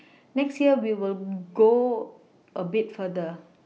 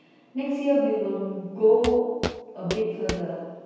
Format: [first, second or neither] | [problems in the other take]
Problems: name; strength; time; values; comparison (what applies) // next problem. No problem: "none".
first | background sound (Walk, footsteps); 9 dB below the speech // room echo; dies away in 1.2 s